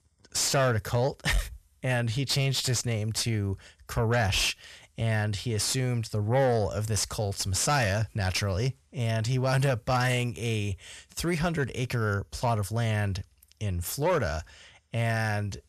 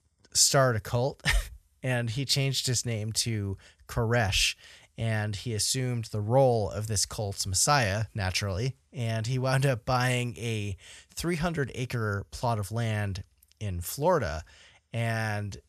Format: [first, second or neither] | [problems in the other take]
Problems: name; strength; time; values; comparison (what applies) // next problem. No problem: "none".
second | distortion; slight; 10 dB below the speech